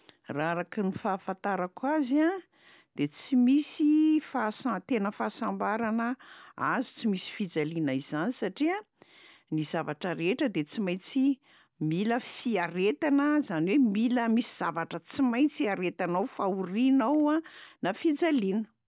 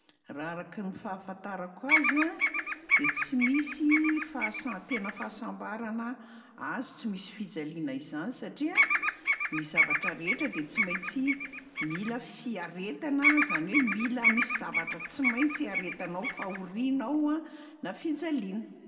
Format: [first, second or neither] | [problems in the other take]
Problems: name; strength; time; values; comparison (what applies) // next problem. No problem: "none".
first | background sound (Bird vocalization, bird call, bird song); 3 dB above the speech // room echo; dies away in 1.5 s